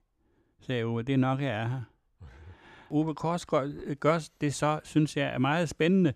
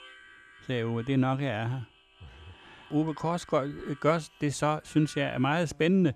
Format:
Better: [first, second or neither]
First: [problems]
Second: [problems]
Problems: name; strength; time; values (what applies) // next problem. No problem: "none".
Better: first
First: none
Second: background music; faint; throughout; 25 dB below the speech